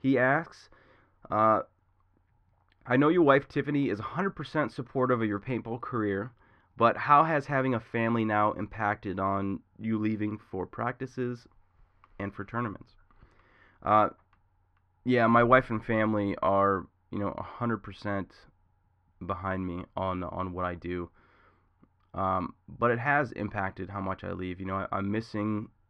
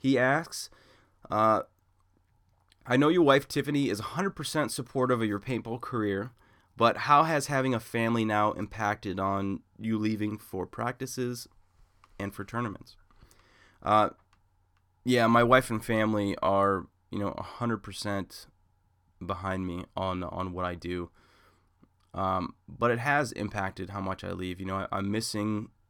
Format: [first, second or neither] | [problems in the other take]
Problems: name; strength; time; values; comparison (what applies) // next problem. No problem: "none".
second | muffled; very; fading above 2 kHz